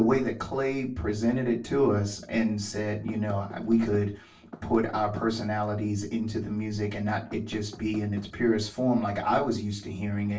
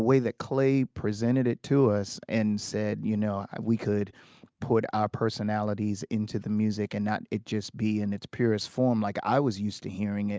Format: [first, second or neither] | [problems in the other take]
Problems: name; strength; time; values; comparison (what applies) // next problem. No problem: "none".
second | background sound (Knock / Wood); 18 dB below the speech // room echo; dies away in 0.3 s